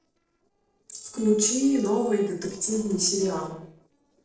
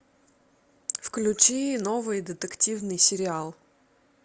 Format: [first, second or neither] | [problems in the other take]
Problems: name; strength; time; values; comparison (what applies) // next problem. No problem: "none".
second | noise reduction (neural separator model SepFormer DNS4)